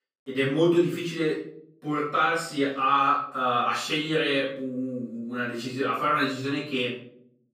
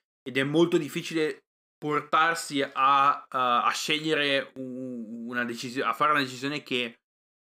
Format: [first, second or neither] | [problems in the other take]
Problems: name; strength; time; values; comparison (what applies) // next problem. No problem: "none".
second | off-mic speech; far // room echo; noticeable; dies away in 0.6 s